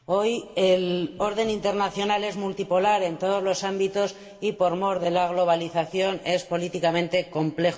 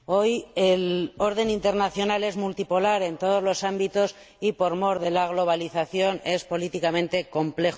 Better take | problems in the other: second | room echo; dies away in 1.6 s

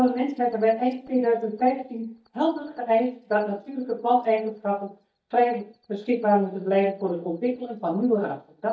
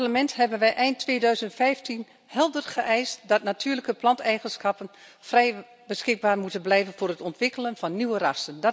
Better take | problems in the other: second | noise reduction (neural mask model DeepFilterNet 3)

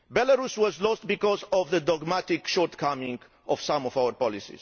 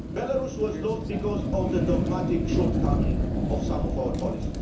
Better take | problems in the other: first | background sound (Fire); 4 dB above the speech // room echo; dies away in 0.7 s

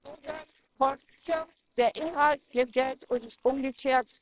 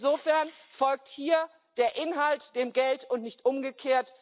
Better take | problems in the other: second | noise reduction (neural separator model SepFormer WHAMR!)

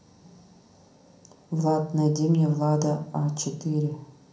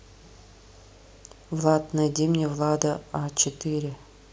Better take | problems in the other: second | room echo; dies away in 0.6 s

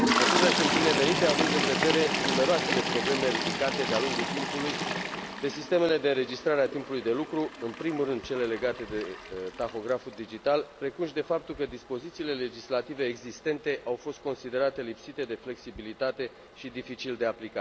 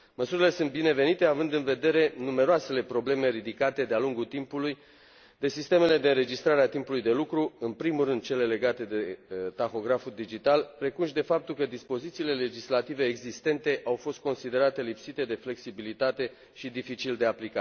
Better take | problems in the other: second | background sound (Toilet flush); 2 dB below the speech

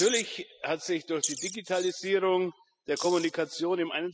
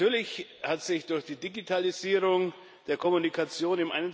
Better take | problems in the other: second | noise reduction (classical method spectral subtraction)

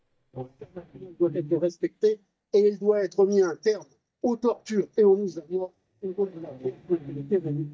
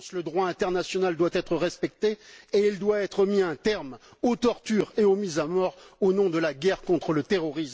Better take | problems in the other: second | noise reduction (neural mask model DeepFilterNet 3)

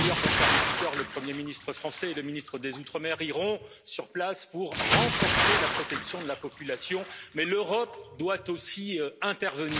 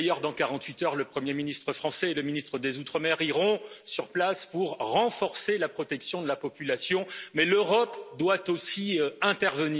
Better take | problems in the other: second | background sound (Bathtub (filling or washing) / Splash, splatter); 1 dB above the speech

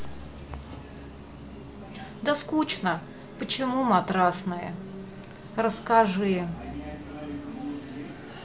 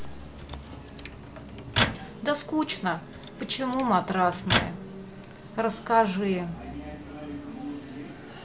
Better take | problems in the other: first | background sound (Microwave oven); 4 dB below the speech

